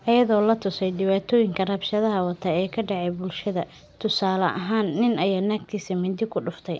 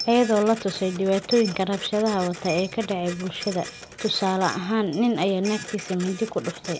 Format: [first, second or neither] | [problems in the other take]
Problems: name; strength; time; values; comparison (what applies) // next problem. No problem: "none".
first | background sound (Printer + Coin (dropping)); 13 dB below the speech